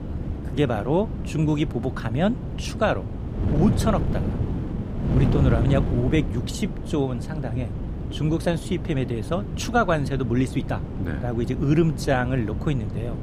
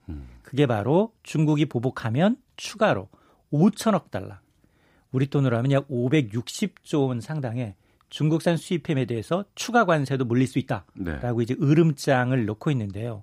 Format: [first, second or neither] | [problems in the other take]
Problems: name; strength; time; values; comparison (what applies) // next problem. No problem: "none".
second | wind noise on the microphone; heavy; 9 dB below the speech